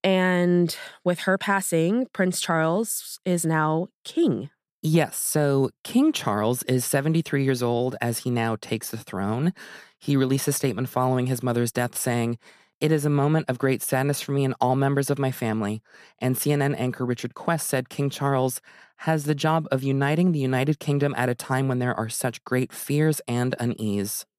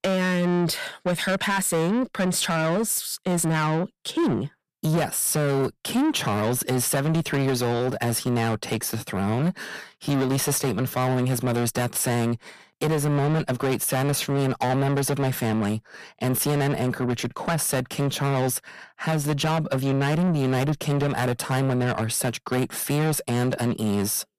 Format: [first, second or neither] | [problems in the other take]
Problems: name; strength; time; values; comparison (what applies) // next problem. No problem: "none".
first | distortion; heavy; 7 dB below the speech